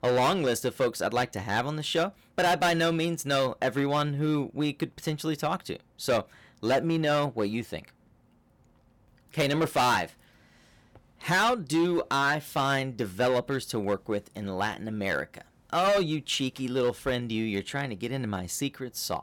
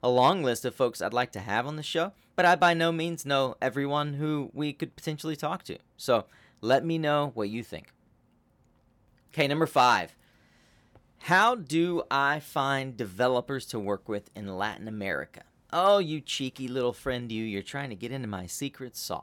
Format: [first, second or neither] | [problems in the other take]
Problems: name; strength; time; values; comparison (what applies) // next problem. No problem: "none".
second | distortion; heavy; 7% of the sound clipped